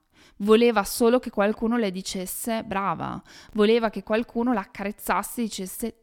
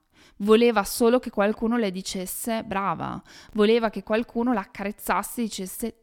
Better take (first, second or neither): neither